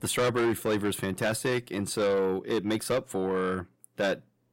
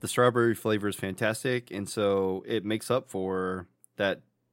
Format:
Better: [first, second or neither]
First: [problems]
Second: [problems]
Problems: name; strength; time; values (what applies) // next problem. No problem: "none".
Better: second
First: distortion; heavy; 7 dB below the speech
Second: none